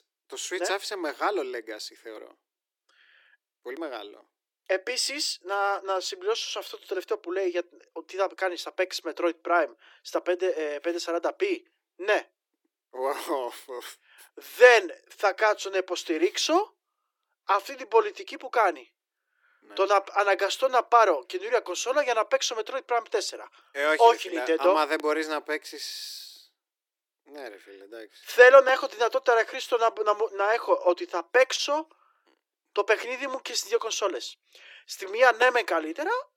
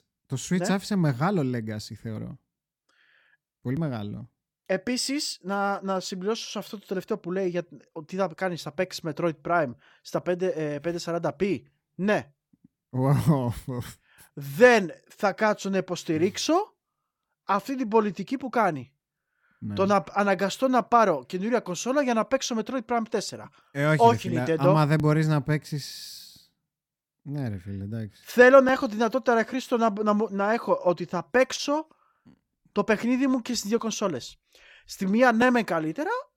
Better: second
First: thin; very; fading below 350 Hz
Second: none

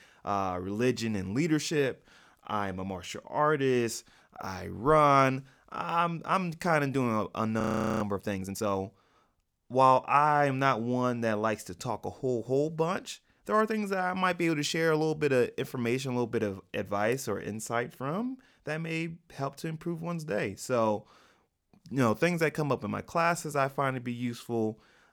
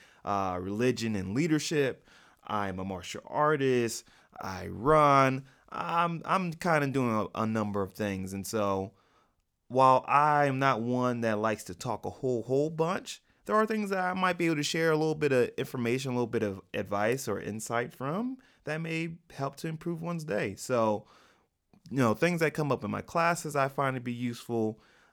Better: second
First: audio freezing; at 7.5 s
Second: none

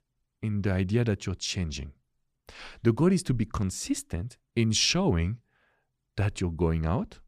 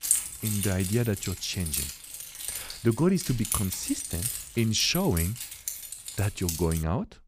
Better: first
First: none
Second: jangling keys; loud; until 7 s; peak 4 dB above the speech

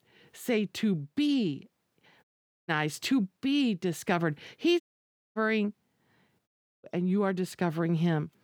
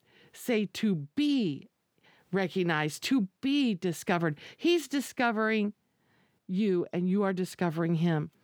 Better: second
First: audio cutting out; at 2 s, at 5 s for 0.5 s and at 6.5 s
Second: none

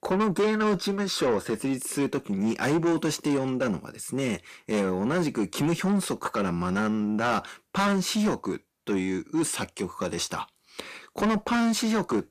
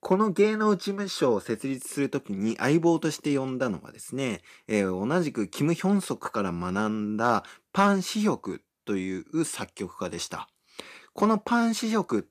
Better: second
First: distortion; heavy; 8 dB below the speech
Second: none

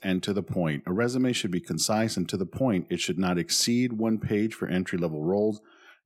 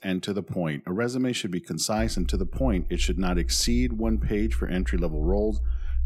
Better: first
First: none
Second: low rumble; faint; from 2 s on; 25 dB below the speech

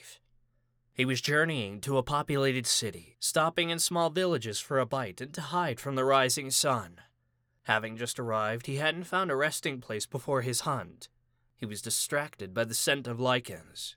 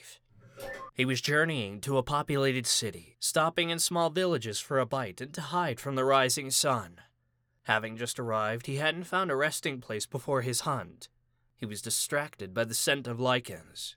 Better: first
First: none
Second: phone ringing; faint; at 0.5 s; peak 10 dB below the speech

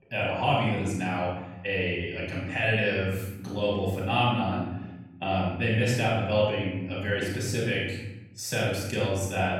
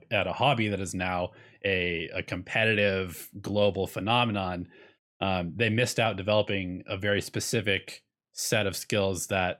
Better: second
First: off-mic speech; far // room echo; noticeable; dies away in 1.1 s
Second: none

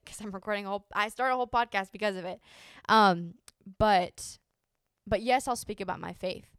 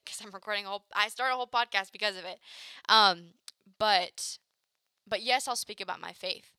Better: first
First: none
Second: thin; somewhat; fading below 1 kHz

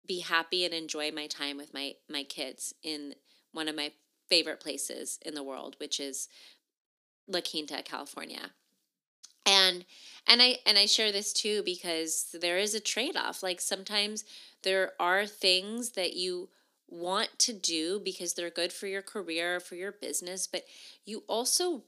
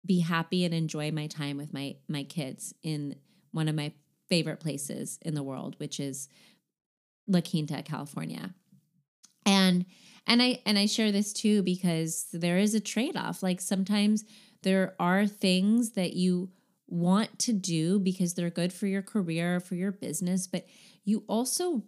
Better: second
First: thin; very; fading below 300 Hz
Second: none

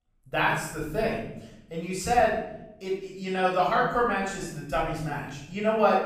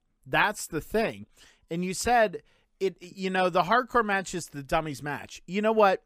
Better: second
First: off-mic speech; far // room echo; noticeable; dies away in 0.8 s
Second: none

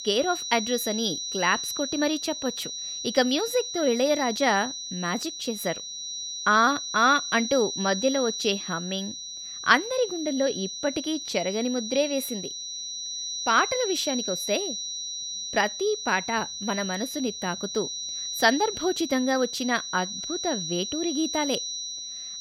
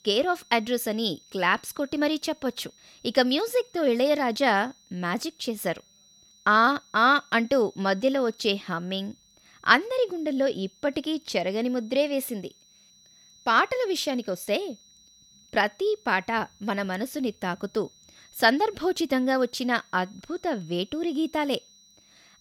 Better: second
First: high-pitched whine; loud; throughout; 4 kHz, 5 dB below the speech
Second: high-pitched whine; faint; throughout; 4 kHz, 30 dB below the speech

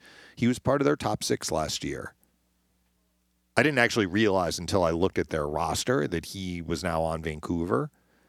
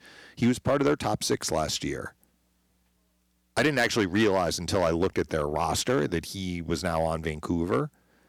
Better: first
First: none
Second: distortion; slight; 2% of the sound clipped

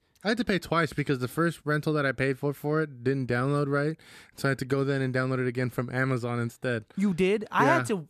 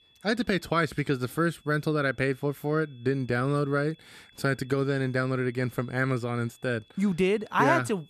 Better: first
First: none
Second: high-pitched whine; faint; throughout; 3.5 kHz, 30 dB below the speech

